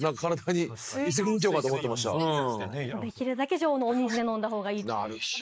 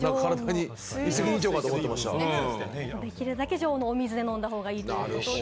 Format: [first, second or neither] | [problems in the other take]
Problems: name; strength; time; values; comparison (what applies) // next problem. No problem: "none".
second | noise reduction (neural mask model Resemble Enhance denoiser)